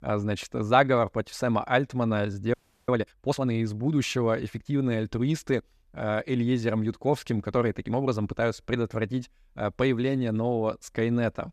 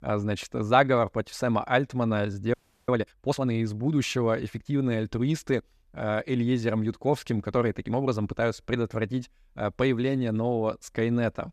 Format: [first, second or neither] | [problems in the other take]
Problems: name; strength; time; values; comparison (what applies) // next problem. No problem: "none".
neither | audio freezing; at 2.5 s; the same in both